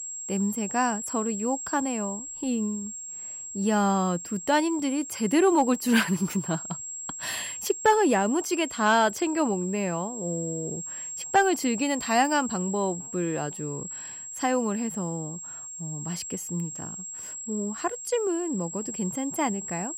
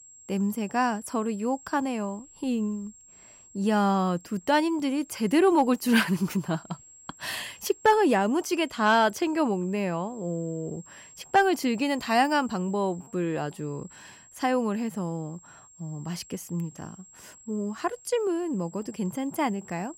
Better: second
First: high-pitched whine; loud; throughout; 7.5 kHz, 8 dB below the speech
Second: high-pitched whine; faint; throughout; 7.5 kHz, 25 dB below the speech

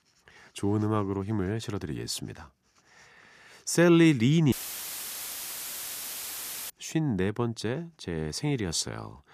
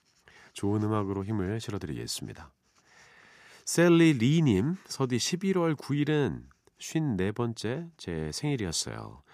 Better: second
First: audio cutting out; filled with static; at 4.5 s for 2 s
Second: none

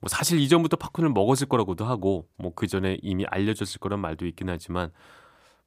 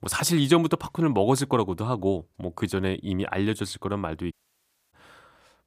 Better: first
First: none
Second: audio cutting out; at 4.5 s for 0.5 s

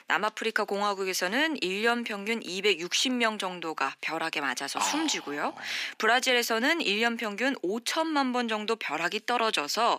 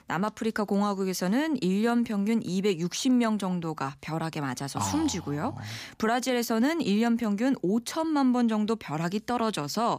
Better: second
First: thin; somewhat; fading below 350 Hz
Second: none

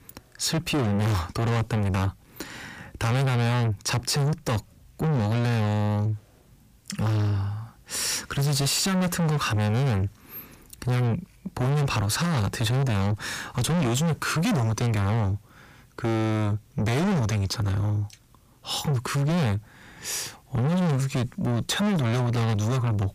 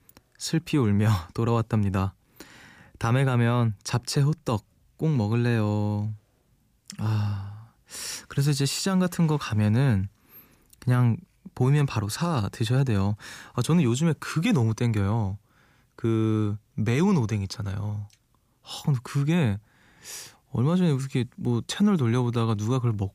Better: second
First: distortion; heavy; 5 dB below the speech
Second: none

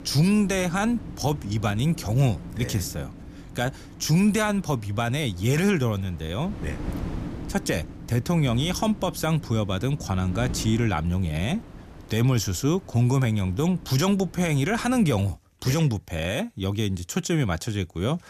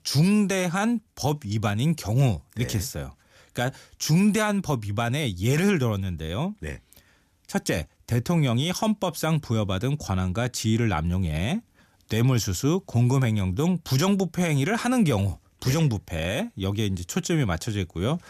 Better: second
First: wind noise on the microphone; occasional gusts; until 15 s; 15 dB below the speech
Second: none

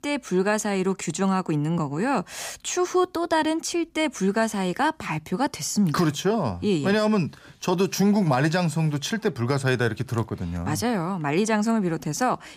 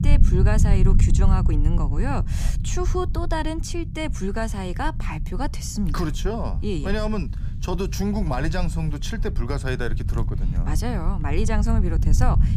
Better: first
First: none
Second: low rumble; noticeable; throughout; 10 dB below the speech

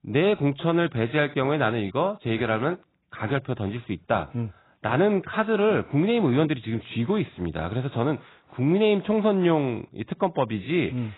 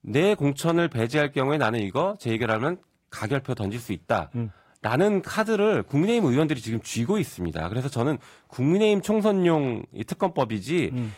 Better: second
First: garbled, watery; badly; nothing above 4 kHz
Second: garbled, watery; slightly; nothing above 16 kHz

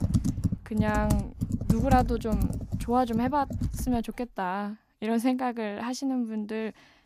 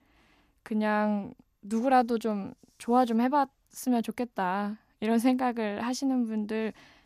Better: second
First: household noises; loud; until 4 s; 1 dB below the speech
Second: none

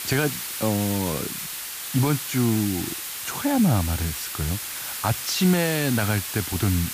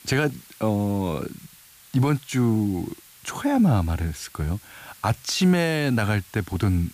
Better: second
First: hiss; loud; throughout; 4 dB below the speech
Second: hiss; faint; throughout; 20 dB below the speech

